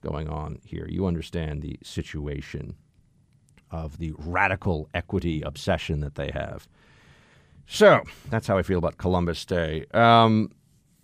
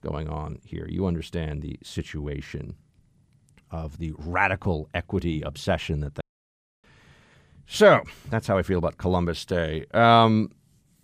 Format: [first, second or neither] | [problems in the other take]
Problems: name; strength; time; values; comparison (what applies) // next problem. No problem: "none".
first | audio cutting out; at 6 s for 0.5 s